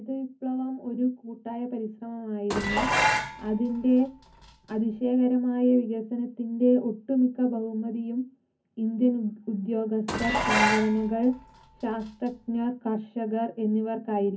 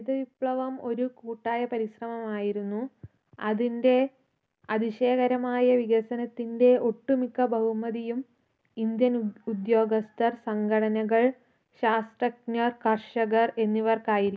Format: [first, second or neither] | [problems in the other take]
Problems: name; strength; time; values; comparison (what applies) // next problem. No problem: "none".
second | background sound (Dishes, pots, and pans); 2 dB below the speech // room echo; dies away in 0.3 s